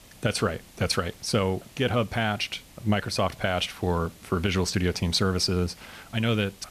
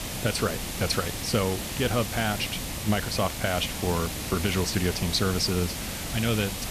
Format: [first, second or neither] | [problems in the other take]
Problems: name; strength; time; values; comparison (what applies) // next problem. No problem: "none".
first | hiss; loud; throughout; 4 dB below the speech; faint in the first